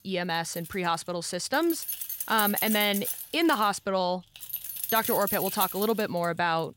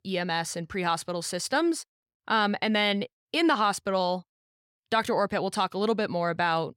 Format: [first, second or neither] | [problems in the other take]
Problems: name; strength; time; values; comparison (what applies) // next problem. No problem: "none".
second | jangling keys; noticeable; from 0.5 to 6.5 s; peak level with the speech